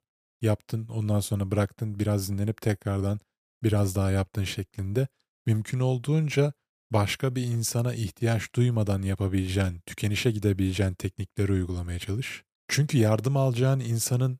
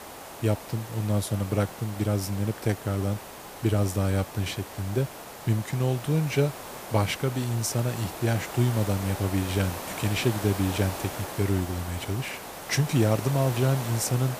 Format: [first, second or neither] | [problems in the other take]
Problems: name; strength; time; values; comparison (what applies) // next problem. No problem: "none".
first | hiss; loud; throughout; 10 dB below the speech